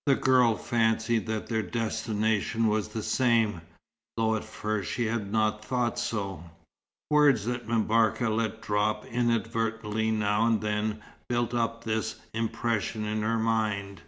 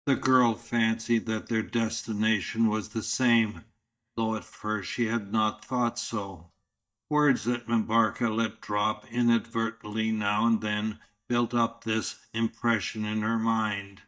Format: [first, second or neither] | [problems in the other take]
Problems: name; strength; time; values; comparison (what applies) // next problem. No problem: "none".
first | noise reduction (neural mask model DeepFilterNet 3)